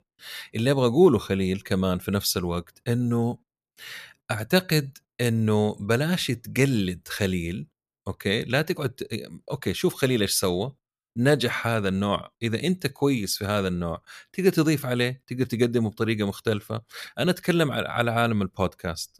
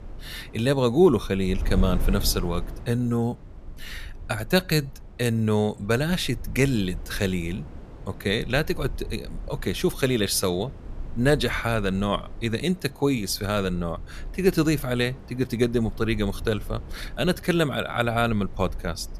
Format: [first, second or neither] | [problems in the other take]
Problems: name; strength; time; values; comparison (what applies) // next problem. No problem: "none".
first | wind noise on the microphone; occasional gusts; 20 dB below the speech